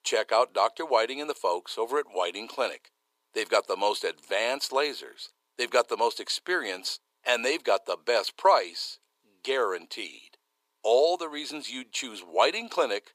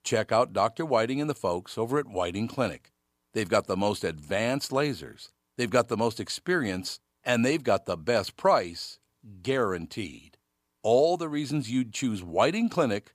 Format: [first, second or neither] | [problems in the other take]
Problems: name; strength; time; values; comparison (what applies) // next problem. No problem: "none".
second | thin; very; fading below 400 Hz